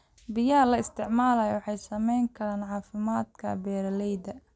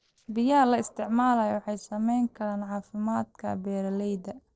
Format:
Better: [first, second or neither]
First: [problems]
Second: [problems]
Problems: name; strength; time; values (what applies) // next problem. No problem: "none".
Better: first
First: none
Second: noise reduction (neural separator model SepFormer DNS4)